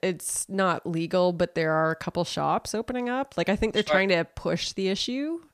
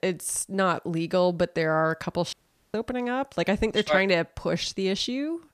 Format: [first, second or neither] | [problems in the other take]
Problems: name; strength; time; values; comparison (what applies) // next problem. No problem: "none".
first | audio cutting out; at 2.5 s